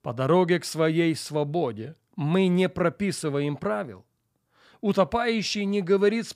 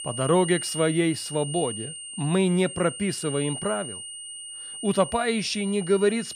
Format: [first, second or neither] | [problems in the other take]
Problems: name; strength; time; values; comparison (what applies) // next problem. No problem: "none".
first | high-pitched whine; loud; throughout; 9 kHz, 9 dB below the speech